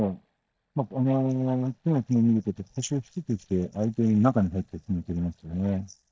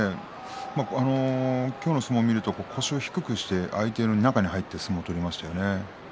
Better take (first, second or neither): second